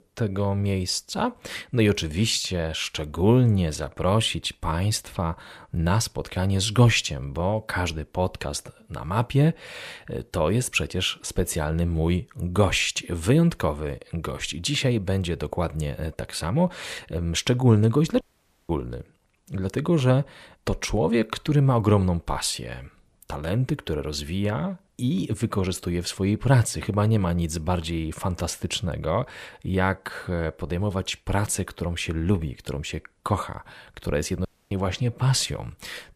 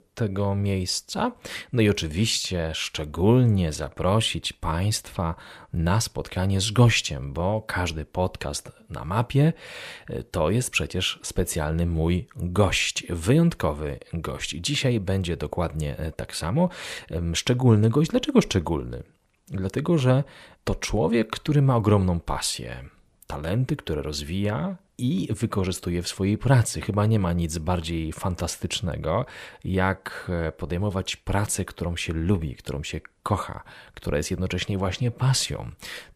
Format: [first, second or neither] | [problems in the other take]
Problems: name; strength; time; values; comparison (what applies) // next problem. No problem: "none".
second | audio cutting out; at 18 s and at 34 s